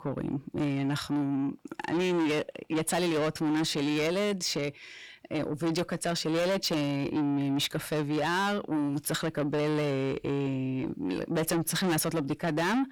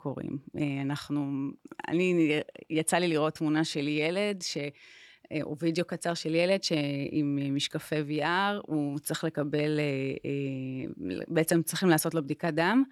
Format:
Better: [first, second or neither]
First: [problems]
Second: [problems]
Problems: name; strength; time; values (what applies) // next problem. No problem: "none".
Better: second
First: distortion; heavy; 7 dB below the speech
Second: none